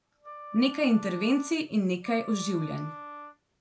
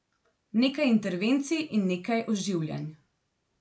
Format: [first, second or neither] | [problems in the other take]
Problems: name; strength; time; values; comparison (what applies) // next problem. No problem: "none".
second | background sound (Wind instrument, woodwind instrument); 15 dB below the speech